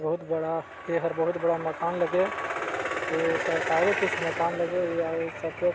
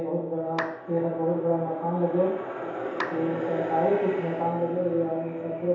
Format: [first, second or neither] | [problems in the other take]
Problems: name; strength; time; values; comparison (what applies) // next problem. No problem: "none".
first | background sound (Clapping); 11 dB below the speech // room echo; dies away in 0.8 s